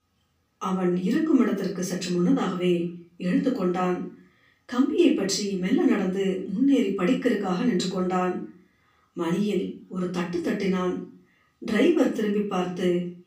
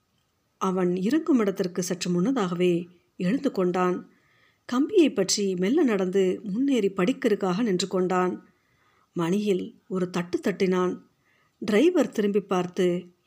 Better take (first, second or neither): second